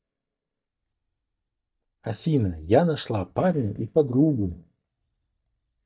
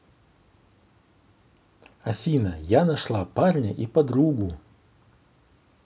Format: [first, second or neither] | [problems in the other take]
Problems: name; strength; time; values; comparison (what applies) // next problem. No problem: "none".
second | noise reduction (neural mask model DeepFilterNet 3)